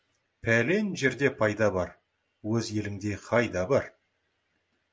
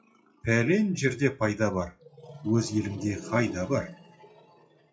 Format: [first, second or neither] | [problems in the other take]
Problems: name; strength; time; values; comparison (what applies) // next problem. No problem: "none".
first | noise reduction (classical method WPE with log-MMSE)